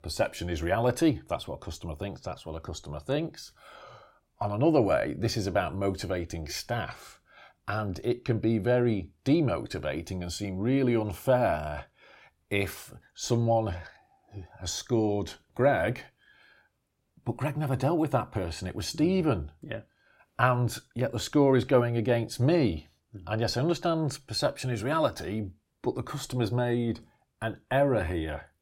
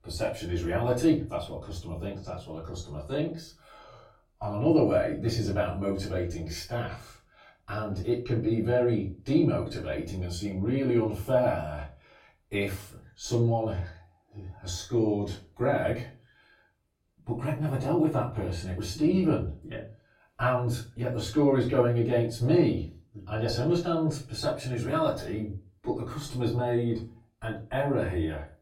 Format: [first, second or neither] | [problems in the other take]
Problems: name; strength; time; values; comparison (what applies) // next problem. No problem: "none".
first | room echo; slight; dies away in 0.3 s // off-mic speech; far